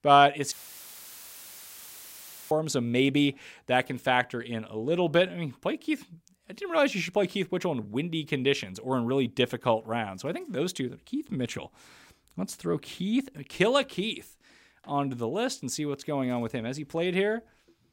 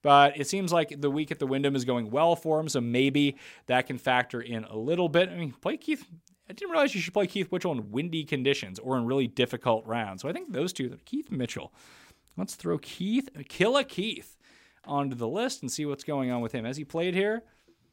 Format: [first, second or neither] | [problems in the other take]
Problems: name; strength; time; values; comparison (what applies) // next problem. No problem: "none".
second | audio cutting out; filled with static; at 0.5 s for 2 s